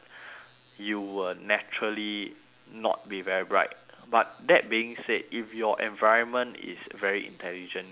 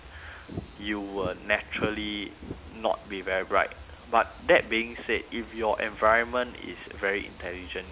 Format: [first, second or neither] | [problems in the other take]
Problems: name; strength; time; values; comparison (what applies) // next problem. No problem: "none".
first | background sound (Fireworks / Ocean); 14 dB below the speech